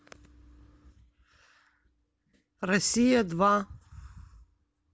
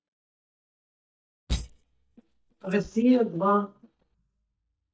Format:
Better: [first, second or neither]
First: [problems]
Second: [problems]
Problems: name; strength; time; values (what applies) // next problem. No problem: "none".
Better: first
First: none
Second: noise reduction (neural mask model DeepFilterNet 3)